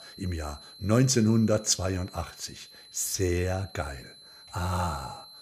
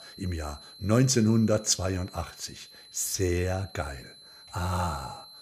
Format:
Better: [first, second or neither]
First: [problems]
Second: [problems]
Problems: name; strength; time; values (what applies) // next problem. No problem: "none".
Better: neither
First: high-pitched whine; noticeable; throughout; 4 kHz, 20 dB below the speech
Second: high-pitched whine; noticeable; throughout; 4 kHz, 20 dB below the speech